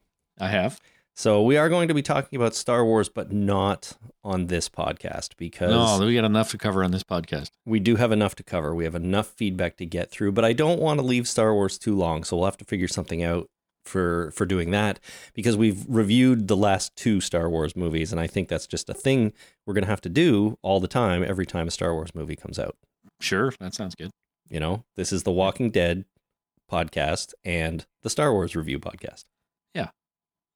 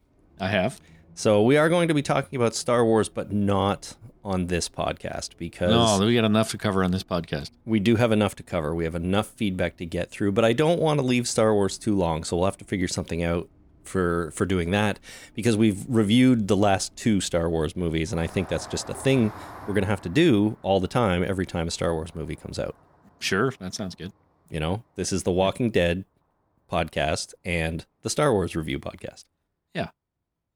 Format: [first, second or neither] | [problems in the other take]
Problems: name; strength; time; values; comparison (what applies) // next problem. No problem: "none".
first | traffic noise; faint; throughout; 25 dB below the speech